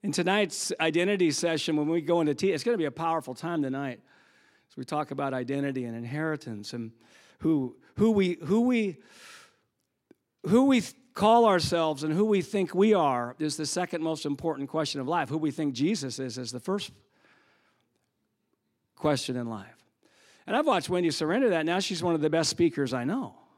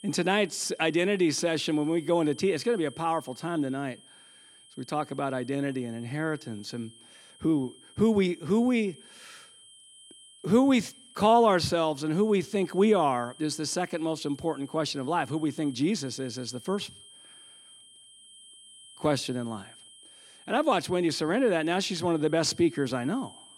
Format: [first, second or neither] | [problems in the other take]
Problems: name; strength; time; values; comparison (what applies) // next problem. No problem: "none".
first | high-pitched whine; faint; throughout; 3 kHz, 25 dB below the speech